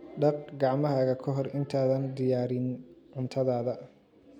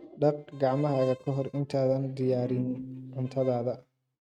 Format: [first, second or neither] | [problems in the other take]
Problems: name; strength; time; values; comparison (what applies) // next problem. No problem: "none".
first | noise reduction (neural mask model RNNoise)